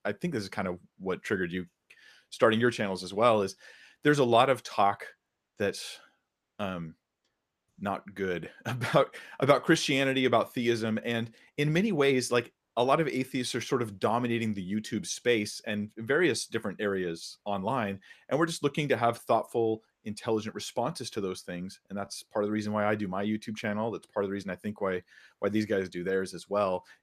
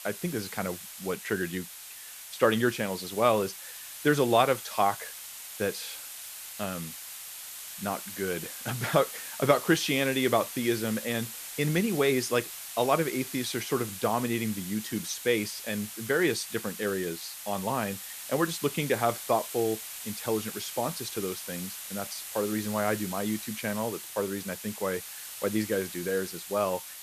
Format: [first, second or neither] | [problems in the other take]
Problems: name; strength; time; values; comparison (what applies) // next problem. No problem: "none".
first | hiss; loud; throughout; 9 dB below the speech